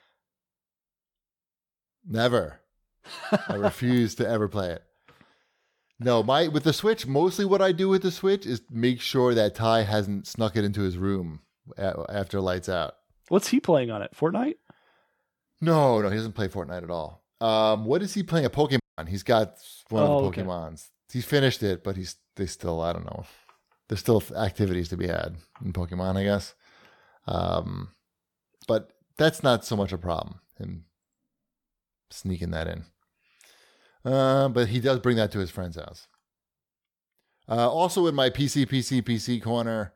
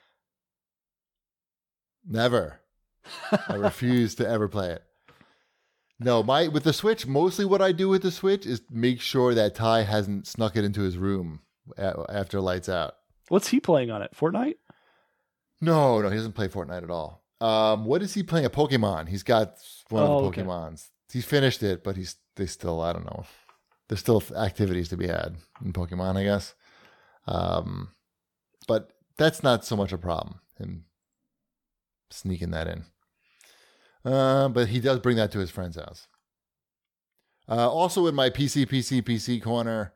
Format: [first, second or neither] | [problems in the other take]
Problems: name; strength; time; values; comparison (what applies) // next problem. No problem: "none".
second | audio cutting out; at 19 s